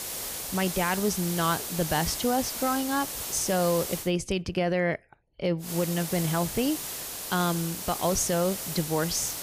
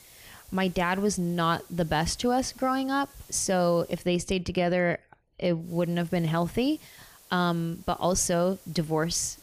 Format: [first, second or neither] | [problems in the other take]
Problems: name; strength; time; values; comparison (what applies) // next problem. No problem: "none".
second | hiss; loud; until 4 s and from 5.5 s on; 5 dB below the speech; faint in the second